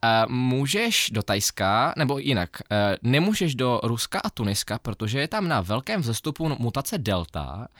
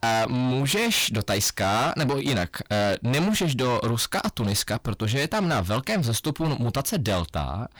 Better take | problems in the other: first | distortion; heavy; 7 dB below the speech

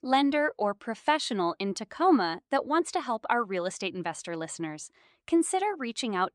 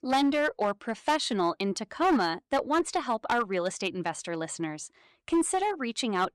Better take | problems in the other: first | distortion; slight; 7% of the sound clipped

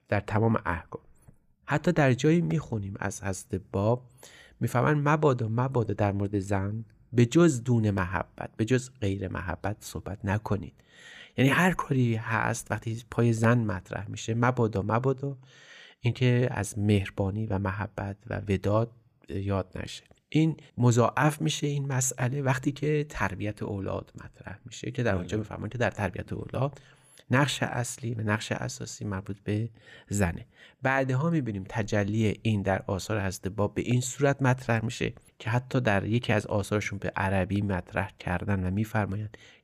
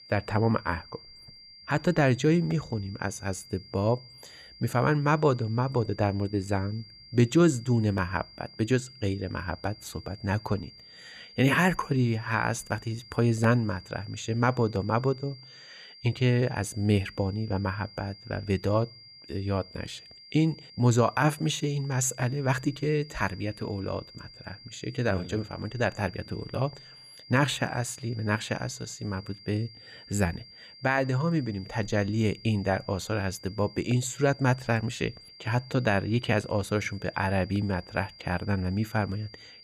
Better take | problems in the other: first | high-pitched whine; noticeable; throughout; 4.5 kHz, 20 dB below the speech

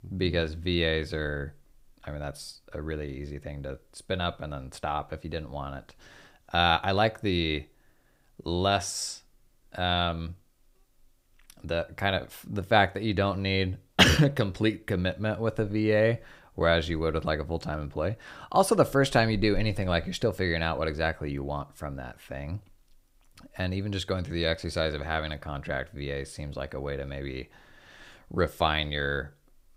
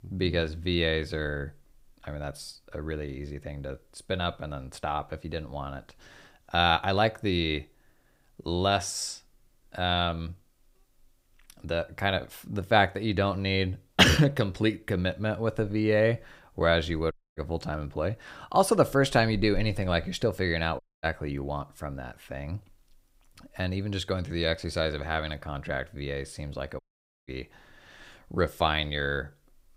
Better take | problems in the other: first | audio cutting out; at 17 s, at 21 s and at 27 s

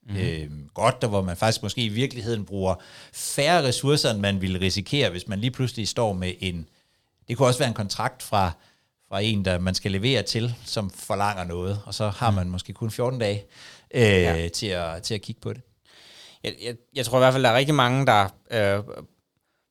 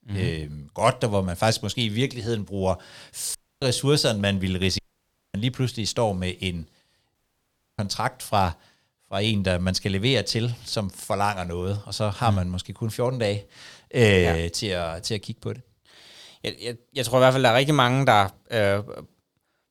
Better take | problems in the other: first | audio cutting out; at 3.5 s, at 5 s for 0.5 s and at 7 s for 0.5 s

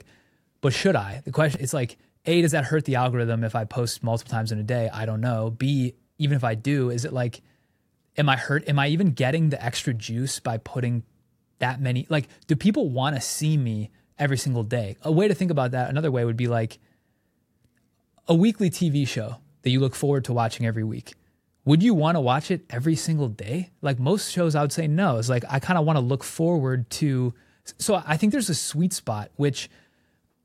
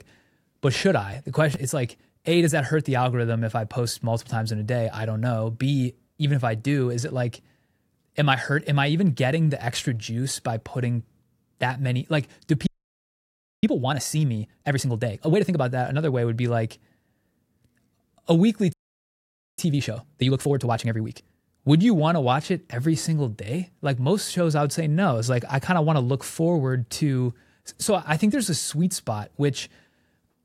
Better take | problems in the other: first | audio freezing; at 13 s for 1 s and at 19 s for 1 s

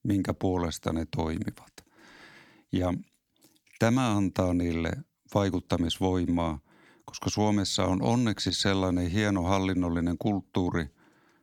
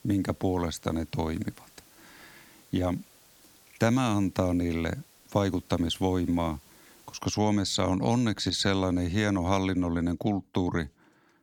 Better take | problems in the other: first | hiss; faint; until 7 s; 25 dB below the speech

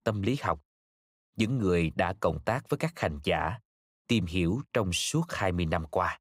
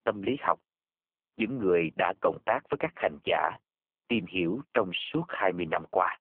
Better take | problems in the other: first | phone-call audio; poor line; nothing above 3.5 kHz

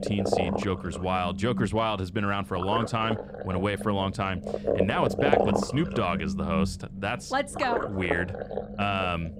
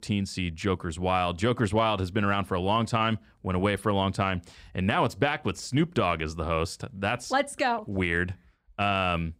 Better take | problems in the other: second | low rumble; loud; throughout; 3 dB below the speech

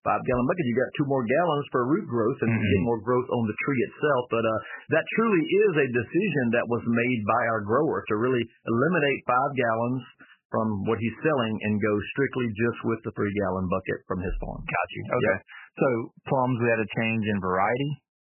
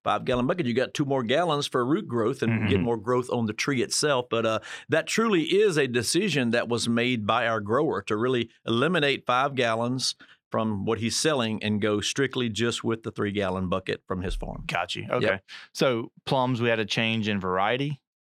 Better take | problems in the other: second | garbled, watery; badly; nothing above 3 kHz

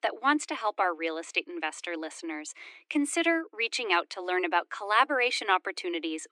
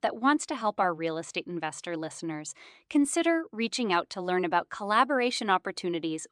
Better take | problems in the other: second | thin; very slightly; fading below 300 Hz

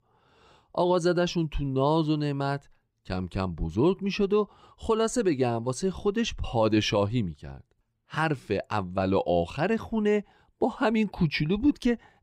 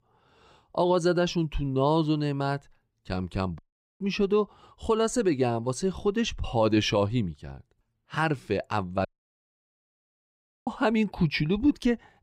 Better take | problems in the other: first | audio cutting out; at 3.5 s and at 9 s for 1.5 s

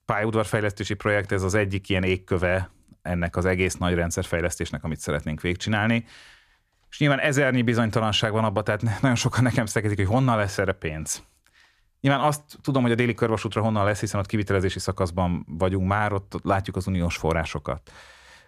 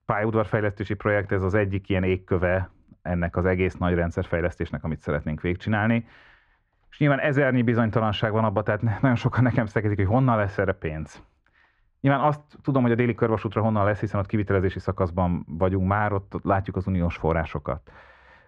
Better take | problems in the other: first | muffled; very; fading above 2 kHz

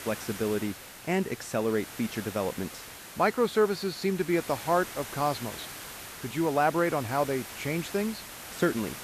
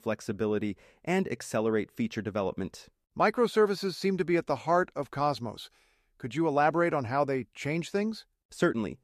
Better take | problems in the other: second | hiss; noticeable; throughout; 10 dB below the speech

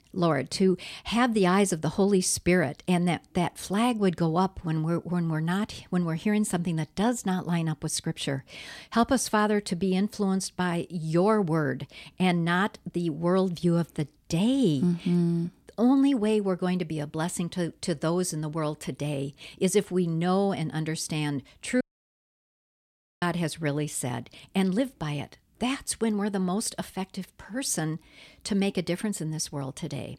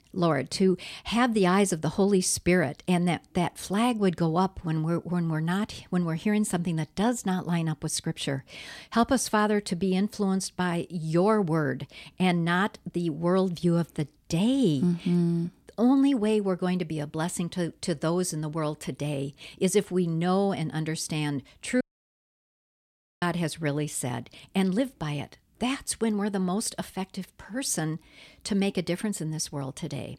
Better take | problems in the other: neither | audio cutting out; at 22 s for 1.5 s; the same in both

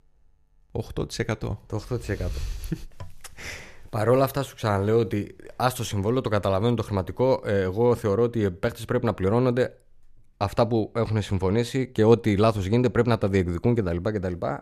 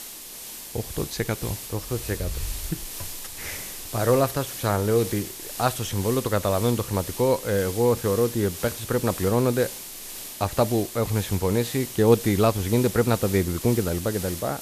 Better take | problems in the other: first | hiss; loud; throughout; 9 dB below the speech

